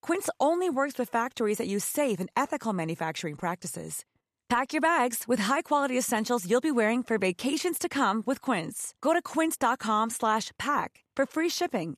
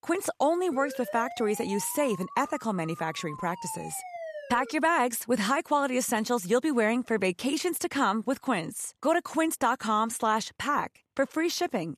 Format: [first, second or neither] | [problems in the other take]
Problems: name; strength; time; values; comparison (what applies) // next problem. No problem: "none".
first | siren; faint; from 0.5 to 4.5 s; peak 10 dB below the speech